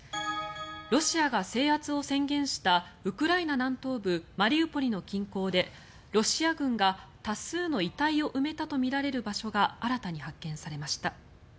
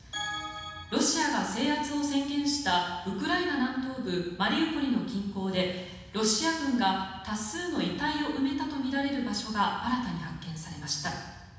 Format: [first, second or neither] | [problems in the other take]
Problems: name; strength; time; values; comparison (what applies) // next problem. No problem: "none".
first | room echo; dies away in 1.1 s